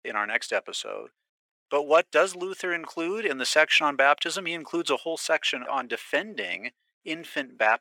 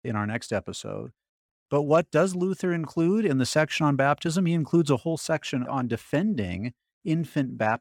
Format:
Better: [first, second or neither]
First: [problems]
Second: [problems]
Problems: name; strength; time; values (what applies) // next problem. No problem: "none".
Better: second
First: thin; very; fading below 450 Hz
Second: none